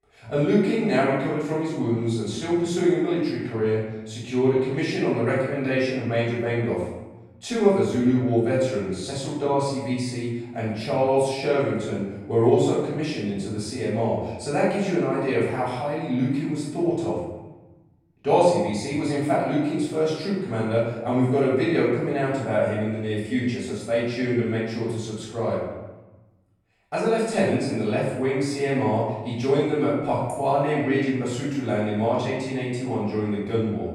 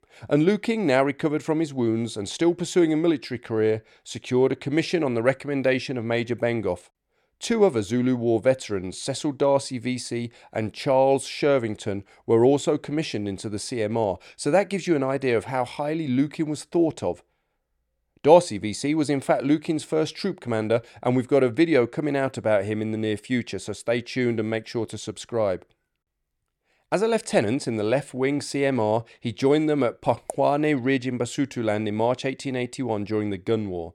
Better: second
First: off-mic speech; far // room echo; strong; dies away in 1 s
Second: none

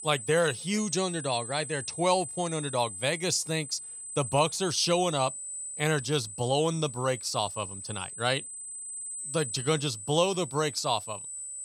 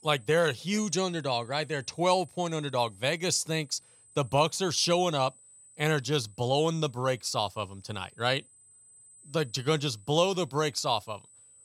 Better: second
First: high-pitched whine; loud; throughout; 8 kHz, 8 dB below the speech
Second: high-pitched whine; faint; throughout; 8 kHz, 25 dB below the speech

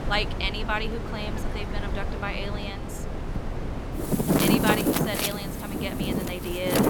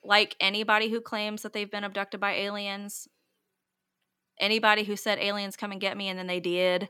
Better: second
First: wind in the background; very loud; throughout; 3 dB above the speech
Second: none

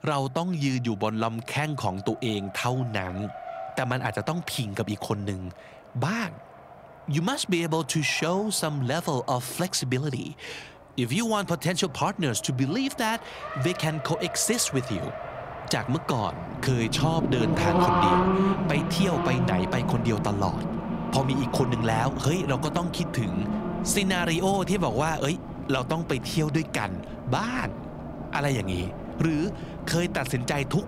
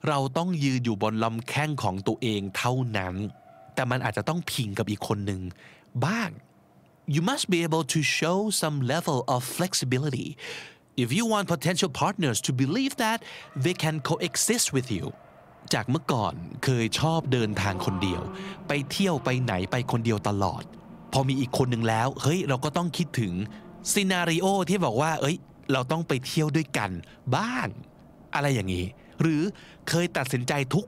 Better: second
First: traffic noise; loud; throughout; 4 dB below the speech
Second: traffic noise; faint; throughout; 20 dB below the speech

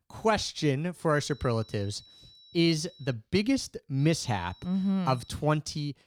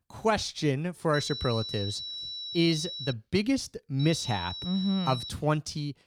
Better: first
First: high-pitched whine; faint; from 1 to 3 s and from 4 to 5.5 s; 4 kHz, 25 dB below the speech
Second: high-pitched whine; loud; from 1 to 3 s and from 4 to 5.5 s; 4 kHz, 7 dB below the speech

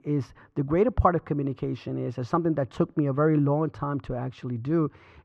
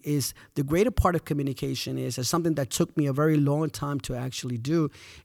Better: second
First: muffled; very; fading above 1.5 kHz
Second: none

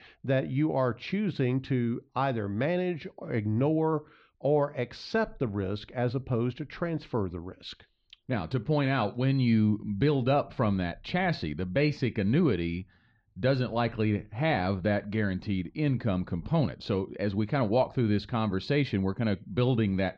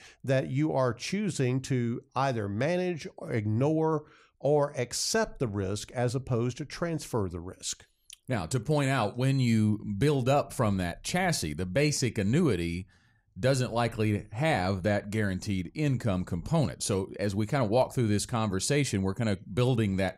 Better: second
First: muffled; slightly; fading above 4 kHz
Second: none

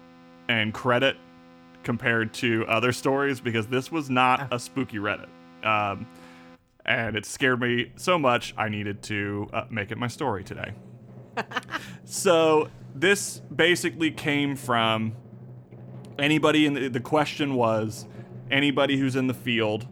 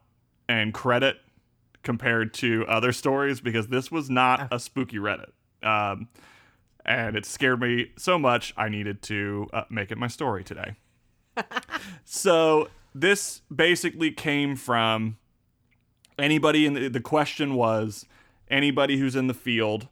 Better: second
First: background music; faint; throughout; 20 dB below the speech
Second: none

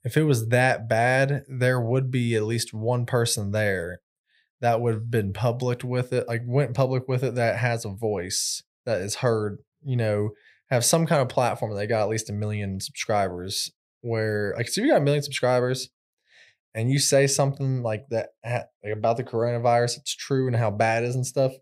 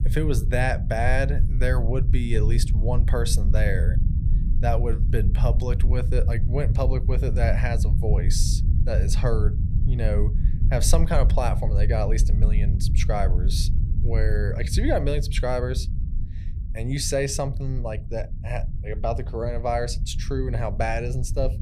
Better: first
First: none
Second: low rumble; noticeable; throughout; 10 dB below the speech

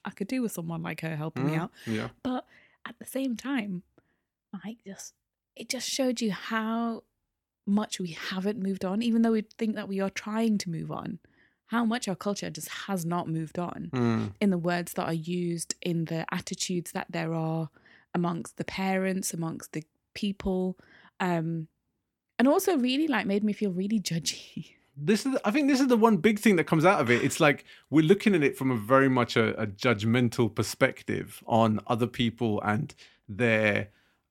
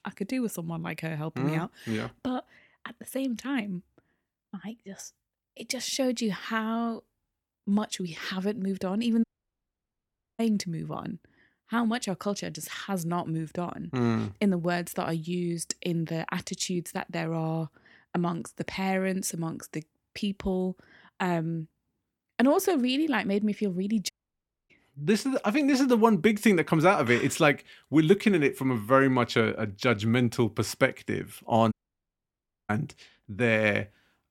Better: first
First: none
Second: audio cutting out; at 9 s for 1 s, at 24 s for 0.5 s and at 32 s for 1 s

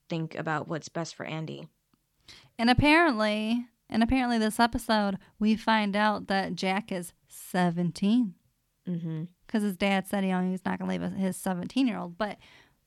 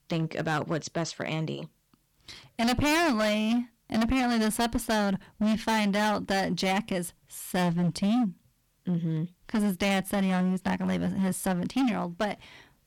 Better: first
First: none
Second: distortion; heavy; 16% of the sound clipped

